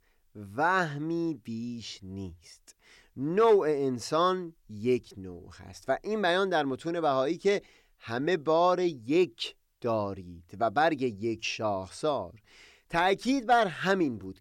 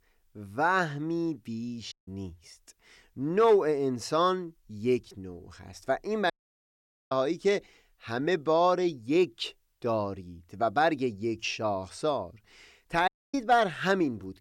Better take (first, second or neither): first